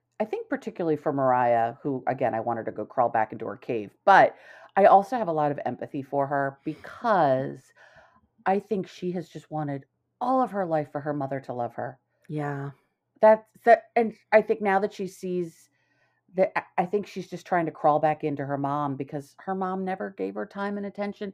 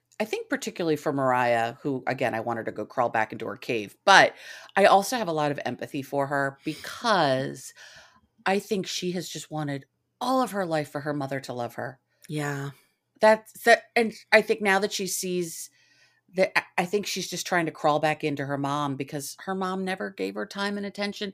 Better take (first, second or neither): second